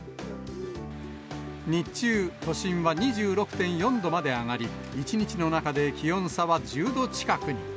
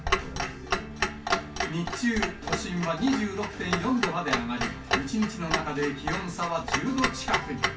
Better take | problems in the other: first | background sound (Clock); 1 dB below the speech // room echo; dies away in 0.2 s

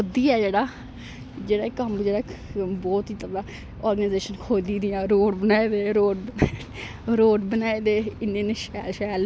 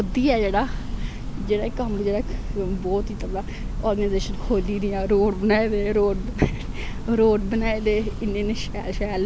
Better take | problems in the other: first | background sound (Church bell); 5 dB below the speech

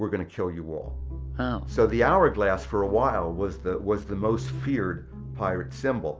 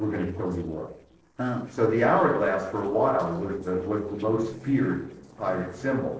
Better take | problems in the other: first | noise reduction (neural separator model SepFormer DNS4)

